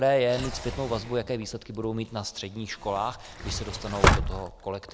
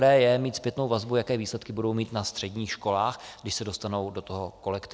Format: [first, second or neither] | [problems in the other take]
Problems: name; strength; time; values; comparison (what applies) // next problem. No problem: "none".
second | background sound (Sliding door); 1 dB below the speech